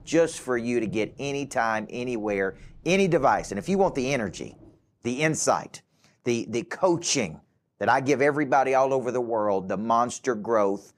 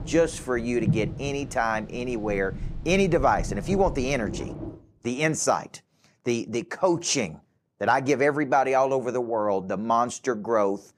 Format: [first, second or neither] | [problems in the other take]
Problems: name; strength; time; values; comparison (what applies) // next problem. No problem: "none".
first | rain or running water; loud; until 4.5 s; 9 dB below the speech; faint in the first